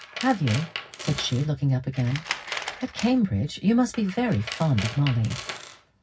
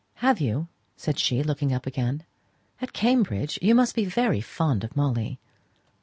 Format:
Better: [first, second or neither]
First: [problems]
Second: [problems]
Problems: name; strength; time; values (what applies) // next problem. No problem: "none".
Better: second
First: background sound (Tools); 12 dB below the speech // room echo; dies away in 0.4 s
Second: none